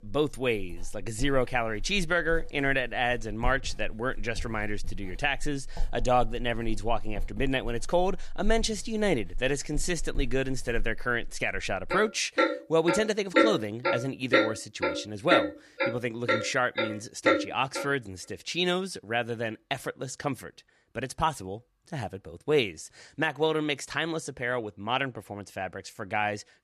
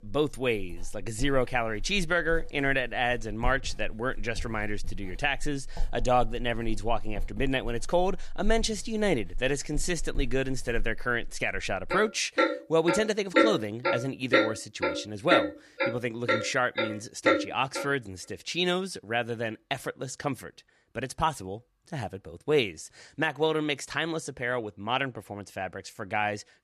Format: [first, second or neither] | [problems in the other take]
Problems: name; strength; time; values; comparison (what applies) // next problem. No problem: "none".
neither | household noises; loud; until 18 s; 1 dB below the speech; the same in both